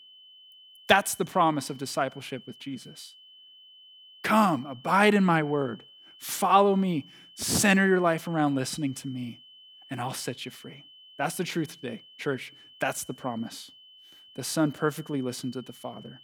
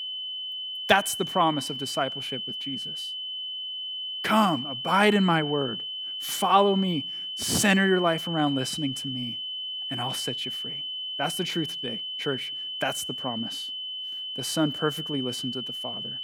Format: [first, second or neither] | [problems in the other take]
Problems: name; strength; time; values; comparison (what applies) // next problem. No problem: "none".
first | high-pitched whine; loud; throughout; 3 kHz, 5 dB below the speech; faint in the first